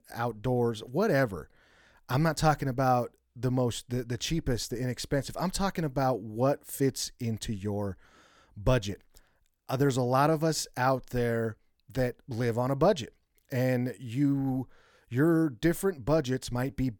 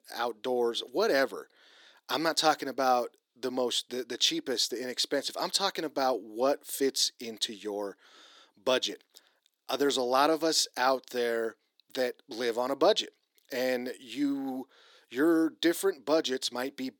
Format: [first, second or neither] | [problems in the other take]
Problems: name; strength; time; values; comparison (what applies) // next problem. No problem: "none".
first | thin; somewhat; fading below 300 Hz